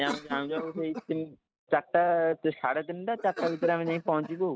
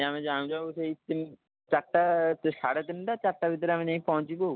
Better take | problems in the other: second | noise reduction (neural mask model RNNoise)

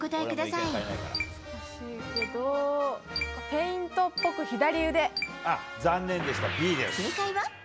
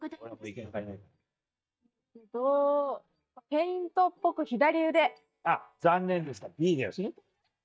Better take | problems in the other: first | noise reduction (neural mask model DeepFilterNet 3)

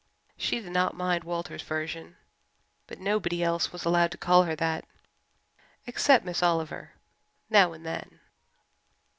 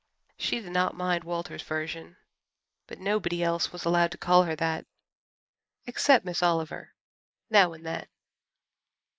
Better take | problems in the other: first | noise reduction (neural mask model Resemble Enhance denoiser)

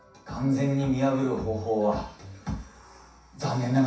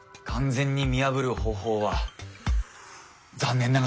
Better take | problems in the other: second | room echo; dies away in 0.7 s

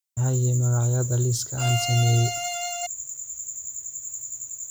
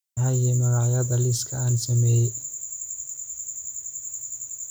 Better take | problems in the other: second | background sound (Bowed string instrument); 5 dB below the speech

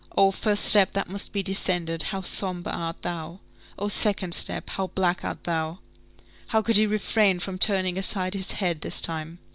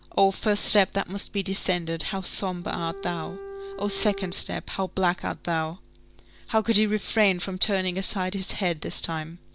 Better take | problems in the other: first | background sound (Bowed string instrument); 11 dB below the speech

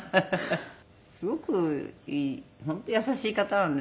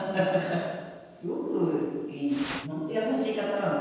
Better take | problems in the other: first | background sound (Fire); 8 dB below the speech // room echo; dies away in 1.2 s

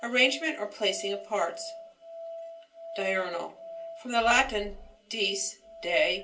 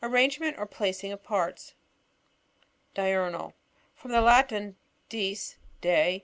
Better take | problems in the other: second | background sound (Musical instrument); 14 dB below the speech // room echo; dies away in 0.3 s

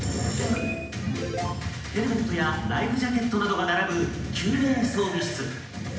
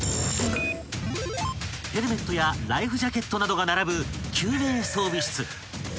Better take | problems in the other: second | room echo; dies away in 0.8 s

